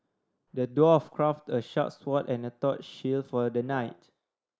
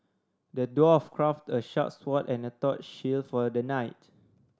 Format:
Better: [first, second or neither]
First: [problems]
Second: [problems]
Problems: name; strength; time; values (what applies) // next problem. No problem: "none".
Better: second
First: noise reduction (neural mask model Resemble Enhance denoiser)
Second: none